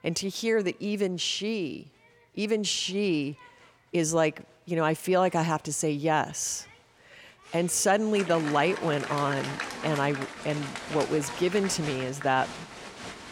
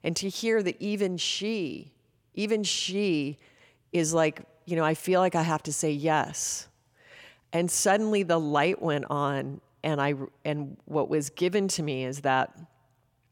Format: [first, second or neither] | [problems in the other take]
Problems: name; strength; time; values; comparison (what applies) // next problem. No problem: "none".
second | crowd noise; loud; throughout; 10 dB below the speech